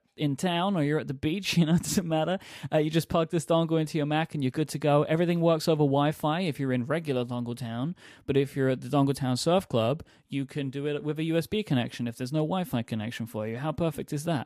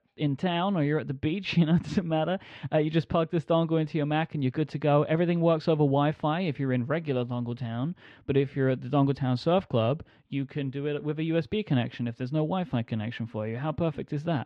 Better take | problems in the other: first | muffled; slightly; fading above 3.5 kHz

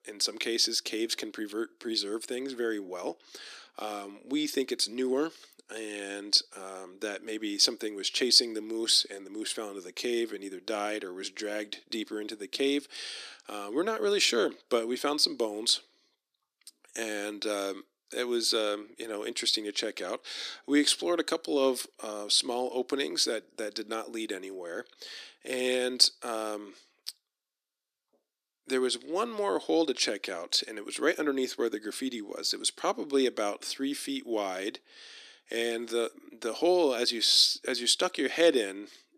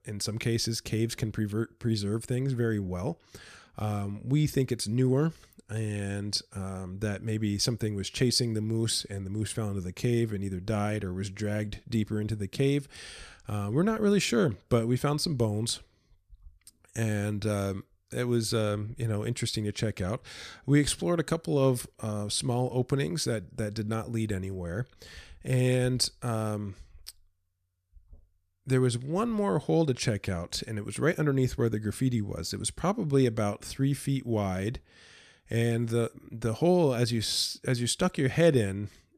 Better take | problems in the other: second | thin; somewhat; fading below 300 Hz

